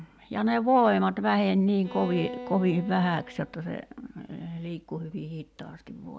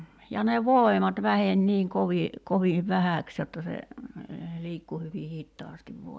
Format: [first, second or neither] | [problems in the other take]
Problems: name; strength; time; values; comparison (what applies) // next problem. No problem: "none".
second | background sound (Bowed string instrument); 15 dB below the speech